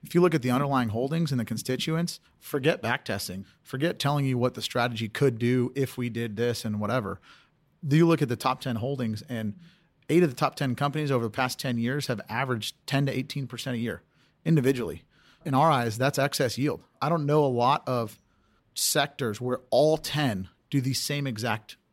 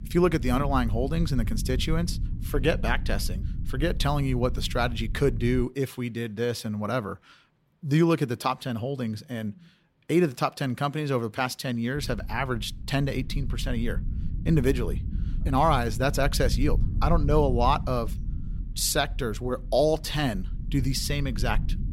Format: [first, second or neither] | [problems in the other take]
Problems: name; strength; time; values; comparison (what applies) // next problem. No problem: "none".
first | low rumble; noticeable; until 5.5 s and from 12 s on; 20 dB below the speech